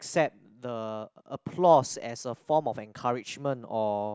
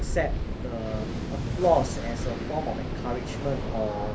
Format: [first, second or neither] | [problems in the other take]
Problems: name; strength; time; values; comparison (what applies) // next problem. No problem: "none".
first | background sound (Waves, surf); 1 dB below the speech // room echo; dies away in 0.3 s